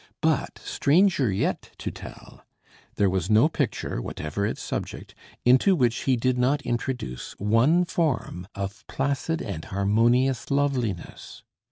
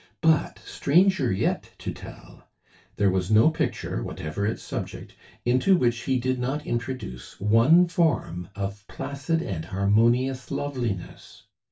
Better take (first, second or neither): first